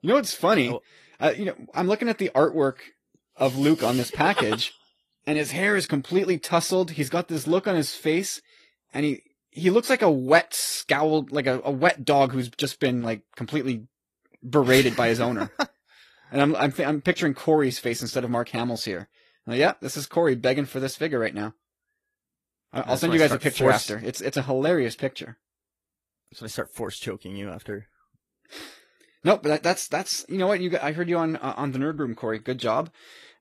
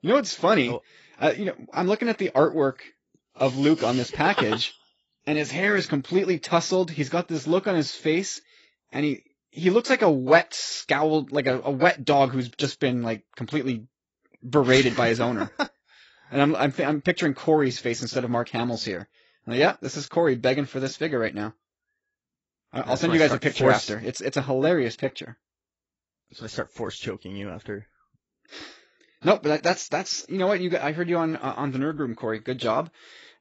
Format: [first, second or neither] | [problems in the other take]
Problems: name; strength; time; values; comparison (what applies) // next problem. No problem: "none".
first | garbled, watery; badly; nothing above 7.5 kHz; slightly in the first